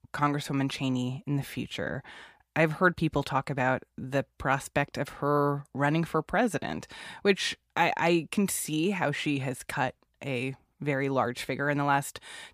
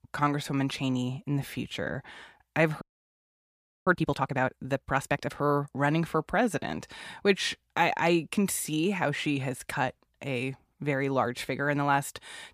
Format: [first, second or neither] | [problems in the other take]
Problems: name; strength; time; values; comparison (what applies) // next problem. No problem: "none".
first | audio freezing; at 3 s for 1 s